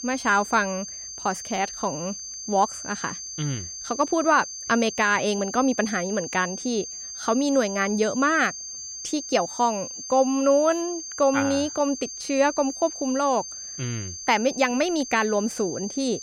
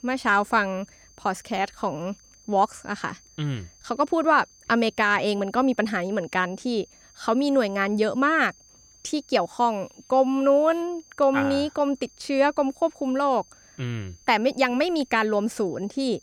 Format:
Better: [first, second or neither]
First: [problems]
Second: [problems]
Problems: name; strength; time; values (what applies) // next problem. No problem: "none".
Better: second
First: high-pitched whine; loud; throughout; 6.5 kHz, 9 dB below the speech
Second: high-pitched whine; faint; throughout; 6.5 kHz, 30 dB below the speech